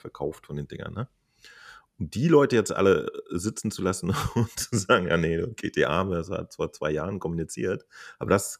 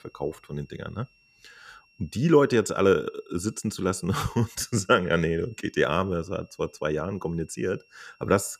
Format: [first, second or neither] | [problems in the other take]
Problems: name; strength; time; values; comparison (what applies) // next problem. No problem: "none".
first | high-pitched whine; faint; throughout; 2.5 kHz, 35 dB below the speech